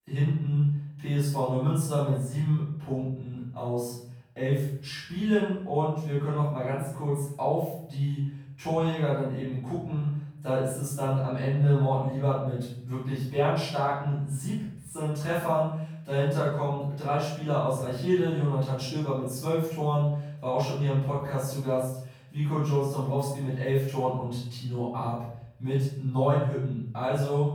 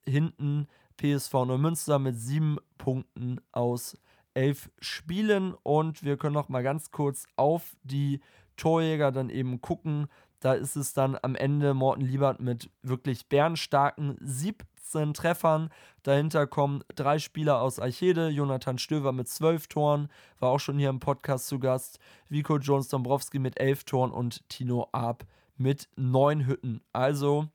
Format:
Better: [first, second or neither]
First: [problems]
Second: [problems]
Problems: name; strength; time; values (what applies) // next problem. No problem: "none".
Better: second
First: off-mic speech; far // room echo; noticeable; dies away in 0.6 s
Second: none